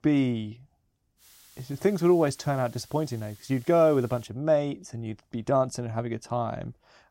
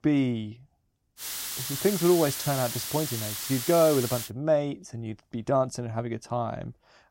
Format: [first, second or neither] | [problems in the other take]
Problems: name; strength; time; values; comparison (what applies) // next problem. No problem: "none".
first | hiss; loud; from 1 to 4.5 s; 5 dB below the speech; faint in the first